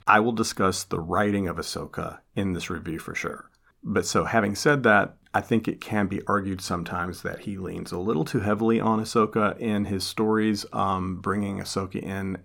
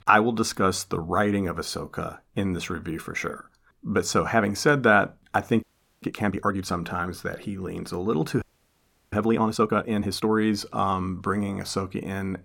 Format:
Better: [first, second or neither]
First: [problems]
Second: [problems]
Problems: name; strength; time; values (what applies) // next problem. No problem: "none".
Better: first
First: none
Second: audio freezing; at 5.5 s and at 8.5 s for 0.5 s